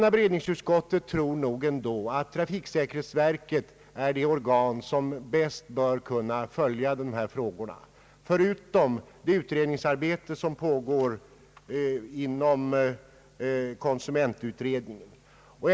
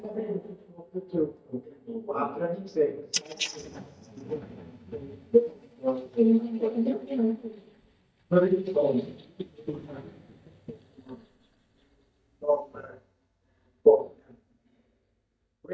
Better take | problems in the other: first | noise reduction (neural mask model DeepFilterNet 3)

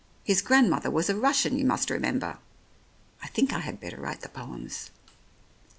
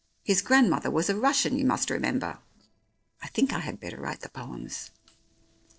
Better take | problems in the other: first | noise reduction (neural separator model SepFormer DNS4)

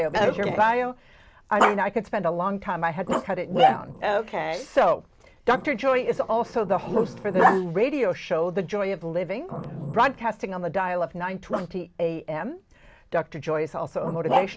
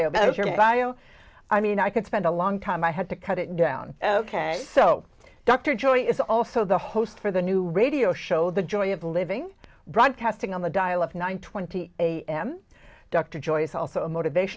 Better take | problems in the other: second | background sound (Growling); 5 dB below the speech

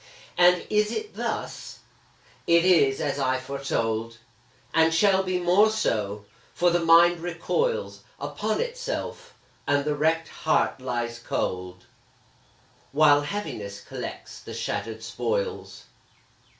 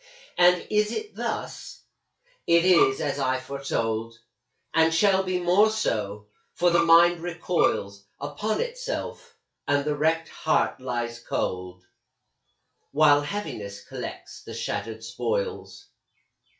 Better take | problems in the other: first | noise reduction (classical method log-MMSE)

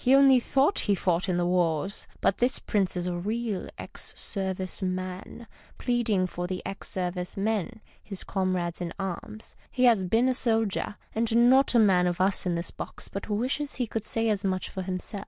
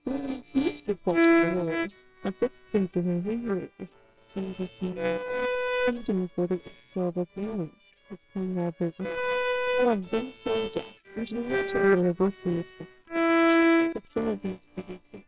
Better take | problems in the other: first | noise reduction (neural separator model SepFormer WHAMR!)

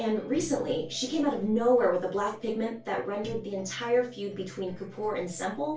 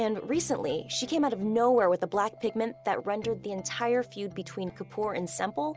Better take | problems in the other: second | room echo; dies away in 0.2 s

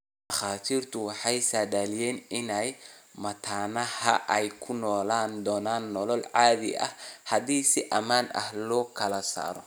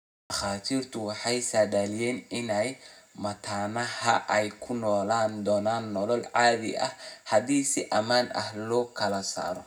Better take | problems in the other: first | room echo; dies away in 0.4 s

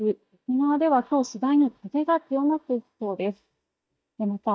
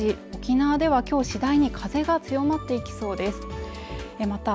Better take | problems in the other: second | noise reduction (neural mask model DeepFilterNet 3)

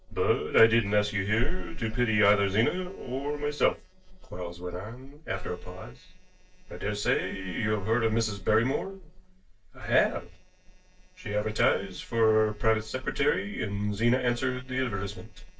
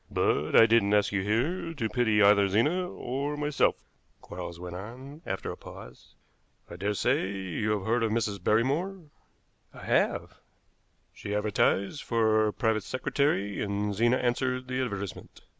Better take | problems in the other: second | noise reduction (neural separator model SepFormer DNS4)

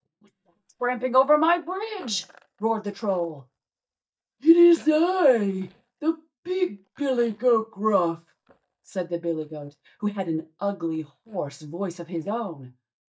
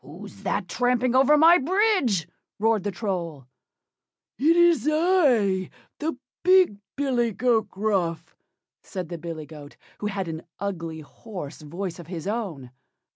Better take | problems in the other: second | noise reduction (neural mask model DeepFilterNet 3)

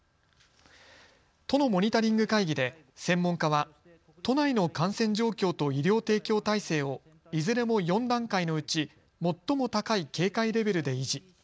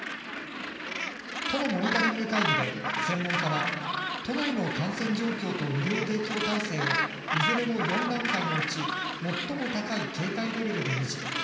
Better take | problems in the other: first | background sound (Gull, seagull); 1 dB below the speech // room echo; dies away in 2.5 s

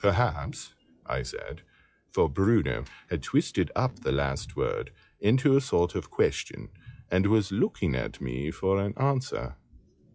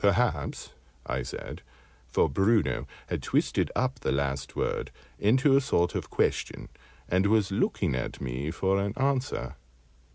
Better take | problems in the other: second | noise reduction (classical method log-MMSE)

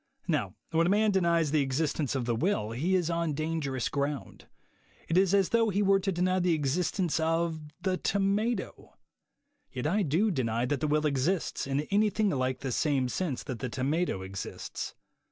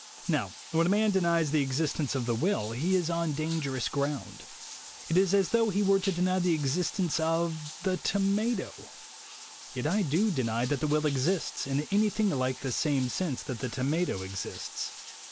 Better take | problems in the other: first | background sound (Bathtub (filling or washing)); 15 dB below the speech

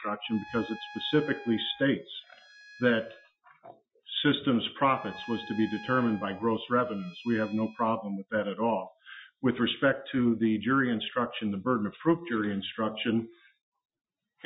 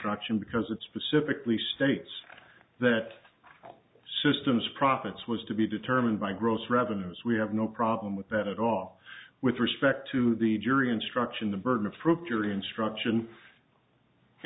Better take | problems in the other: second | noise reduction (classical method Wiener filter)

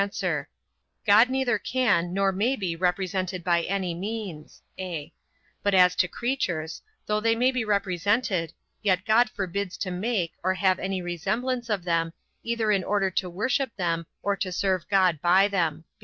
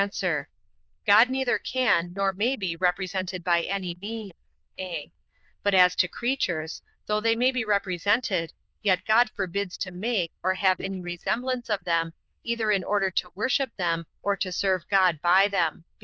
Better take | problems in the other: first | noise reduction (neural diffusion model UNIVERSE++)

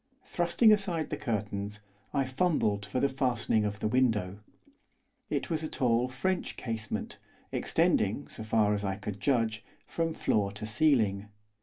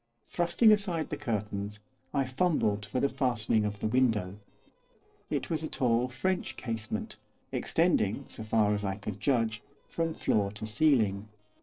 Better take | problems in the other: first | noise reduction (neural separator model SepFormer DNS4)

